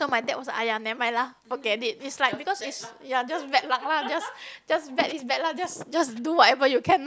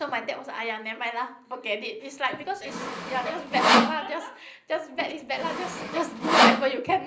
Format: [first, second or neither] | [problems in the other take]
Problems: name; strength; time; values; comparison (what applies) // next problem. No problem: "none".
first | background sound (Sawing); 4 dB above the speech // room echo; dies away in 0.5 s